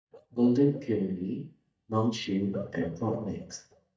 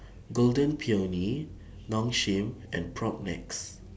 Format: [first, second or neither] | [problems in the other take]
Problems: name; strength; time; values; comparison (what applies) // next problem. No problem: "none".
second | noise reduction (neural mask model DeepFilterNet 3)